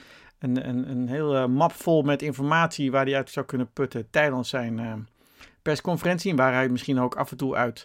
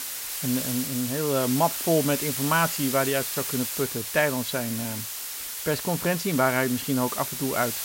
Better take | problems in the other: first | hiss; loud; throughout; 3 dB below the speech

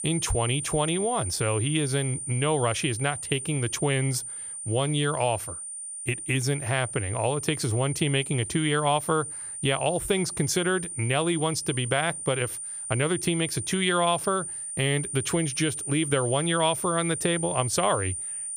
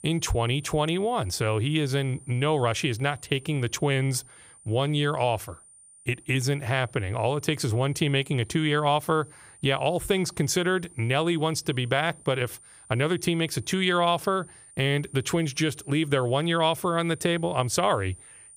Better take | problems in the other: second | high-pitched whine; loud; throughout; 9 kHz, 6 dB below the speech; faint in the second

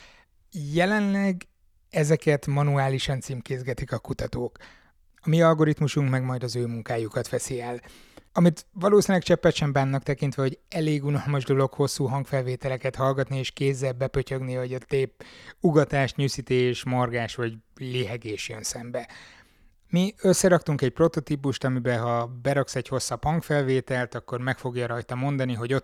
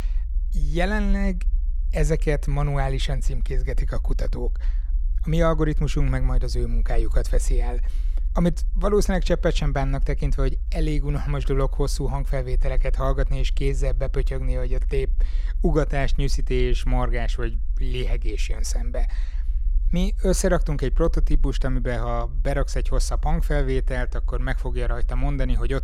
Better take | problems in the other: first | low rumble; faint; throughout; 25 dB below the speech

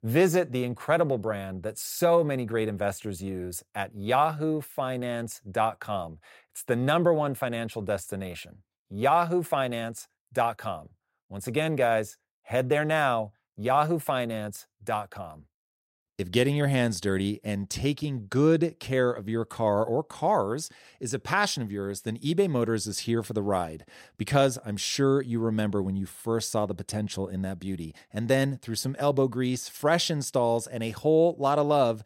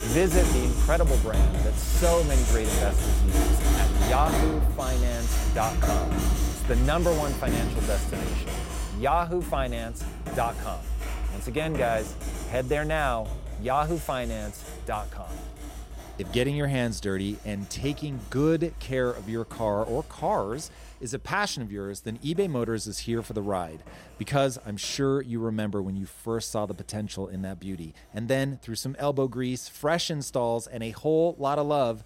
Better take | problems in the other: first | household noises; very loud; throughout; 1 dB above the speech

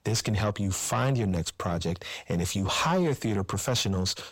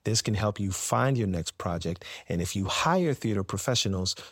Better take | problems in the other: second | distortion; slight; 9 dB below the speech

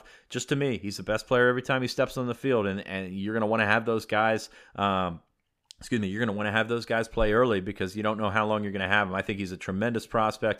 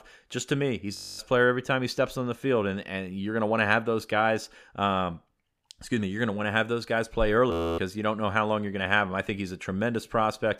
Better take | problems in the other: first | audio freezing; at 1 s and at 7.5 s

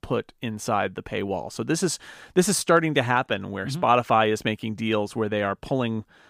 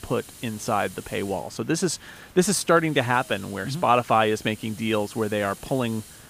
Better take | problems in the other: first | hiss; noticeable; throughout; 20 dB below the speech

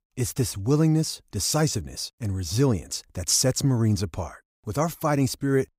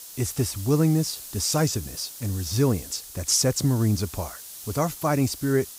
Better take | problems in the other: first | hiss; noticeable; throughout; 15 dB below the speech

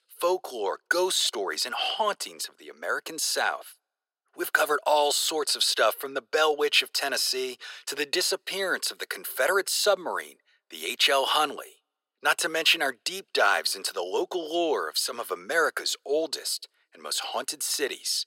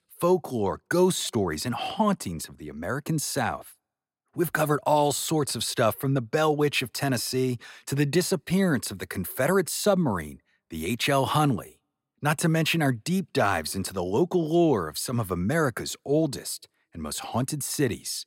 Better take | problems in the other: second | thin; very; fading below 450 Hz

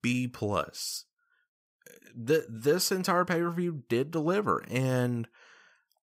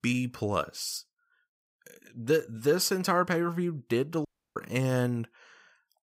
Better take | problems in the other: first | audio cutting out; at 4.5 s

